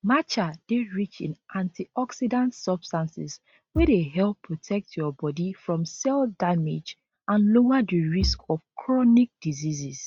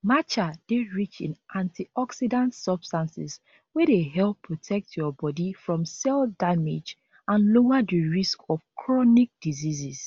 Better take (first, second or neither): second